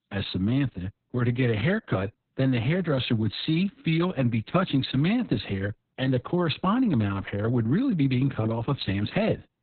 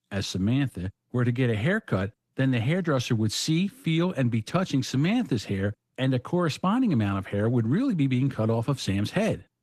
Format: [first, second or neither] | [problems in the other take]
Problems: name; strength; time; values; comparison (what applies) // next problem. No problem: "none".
second | garbled, watery; badly; nothing above 4 kHz; slightly in the second